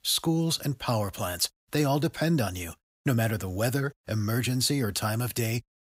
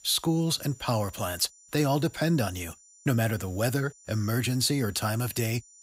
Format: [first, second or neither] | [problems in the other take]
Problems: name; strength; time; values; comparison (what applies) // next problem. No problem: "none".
first | high-pitched whine; faint; throughout; 7 kHz, 25 dB below the speech